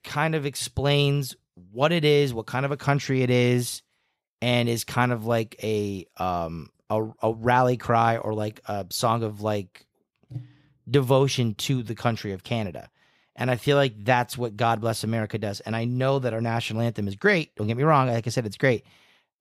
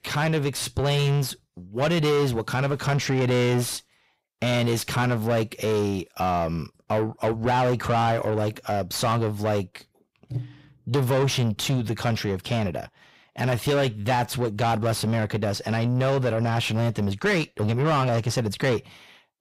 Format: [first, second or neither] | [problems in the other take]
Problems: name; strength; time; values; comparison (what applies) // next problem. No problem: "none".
first | distortion; heavy; 6 dB below the speech